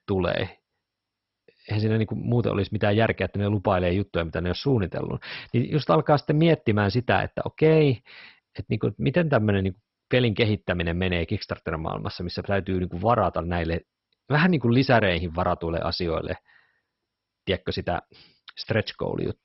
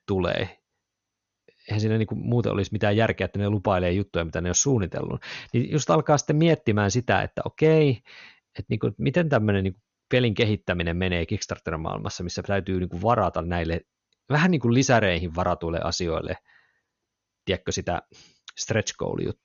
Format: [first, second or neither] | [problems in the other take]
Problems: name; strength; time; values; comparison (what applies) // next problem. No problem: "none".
second | garbled, watery; badly; nothing above 5.5 kHz; slightly in the second